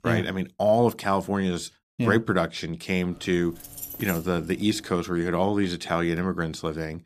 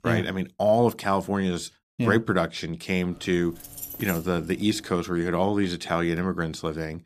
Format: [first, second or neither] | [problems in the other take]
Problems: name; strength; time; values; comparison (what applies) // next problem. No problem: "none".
neither | jangling keys; noticeable; from 3 to 5 s; peak 8 dB below the speech; the same in both